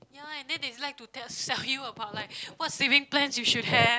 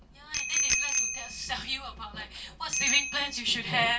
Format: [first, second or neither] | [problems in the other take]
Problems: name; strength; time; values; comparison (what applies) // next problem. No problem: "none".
first | background sound (Bicycle bell); 1 dB below the speech // room echo; dies away in 0.2 s